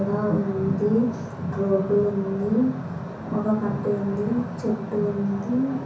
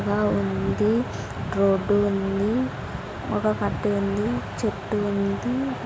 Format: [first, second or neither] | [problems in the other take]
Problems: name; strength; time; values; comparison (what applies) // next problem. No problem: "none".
second | room echo; dies away in 0.6 s